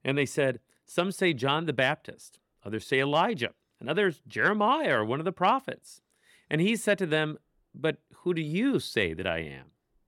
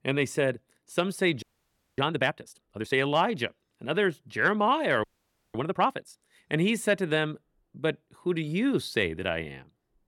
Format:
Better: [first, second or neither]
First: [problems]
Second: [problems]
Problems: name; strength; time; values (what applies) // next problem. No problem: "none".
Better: first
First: none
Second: audio freezing; at 1.5 s for 0.5 s and at 5 s for 0.5 s